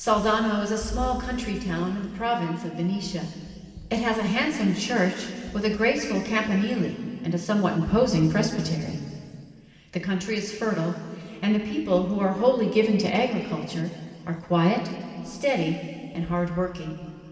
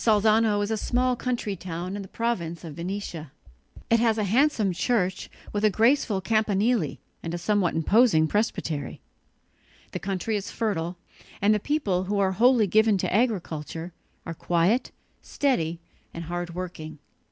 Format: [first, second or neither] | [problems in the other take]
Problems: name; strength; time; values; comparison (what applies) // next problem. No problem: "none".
second | room echo; dies away in 2.4 s